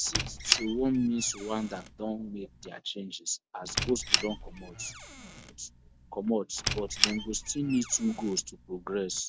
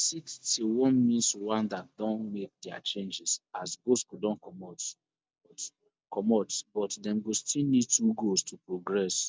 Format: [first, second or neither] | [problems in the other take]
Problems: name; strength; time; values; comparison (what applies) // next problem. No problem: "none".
second | background sound (Squeak); 3 dB below the speech